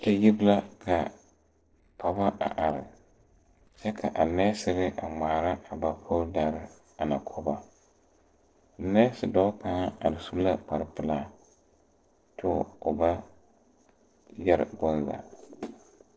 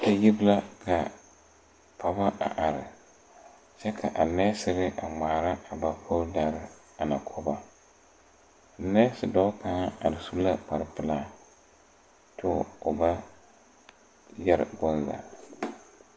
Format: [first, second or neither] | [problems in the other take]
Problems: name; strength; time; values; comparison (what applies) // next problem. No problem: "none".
second | noise reduction (neural separator model SepFormer DNS4)